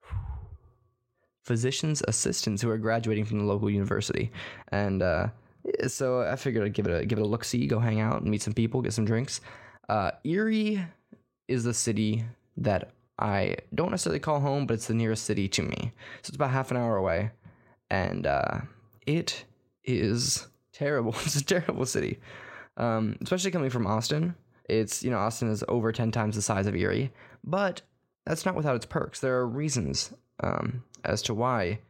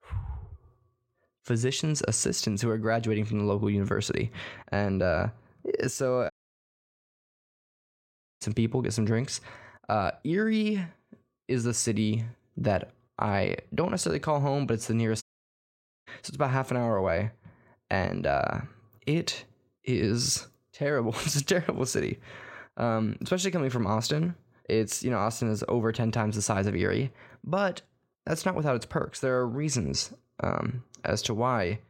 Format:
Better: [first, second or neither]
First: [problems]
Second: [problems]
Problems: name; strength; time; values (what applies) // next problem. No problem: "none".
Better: first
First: none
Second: audio cutting out; at 6.5 s for 2 s and at 15 s for 1 s